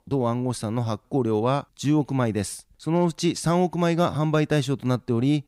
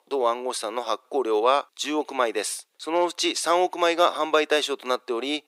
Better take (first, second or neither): first